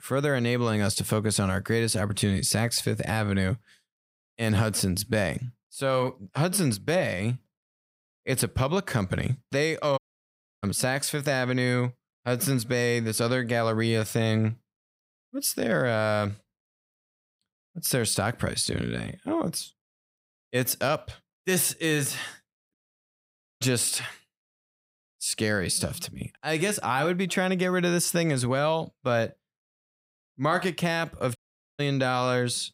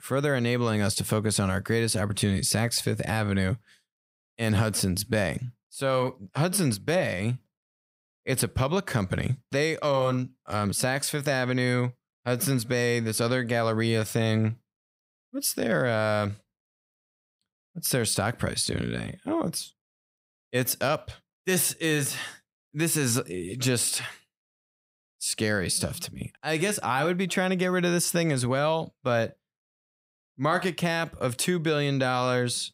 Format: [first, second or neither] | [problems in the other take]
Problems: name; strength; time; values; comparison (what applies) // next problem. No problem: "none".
second | audio cutting out; at 10 s for 0.5 s, at 23 s for 1 s and at 31 s